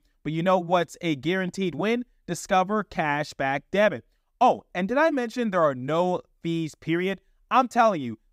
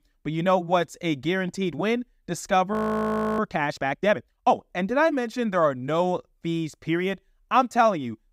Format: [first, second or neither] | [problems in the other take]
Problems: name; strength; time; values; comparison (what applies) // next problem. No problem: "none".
first | audio freezing; at 2.5 s for 0.5 s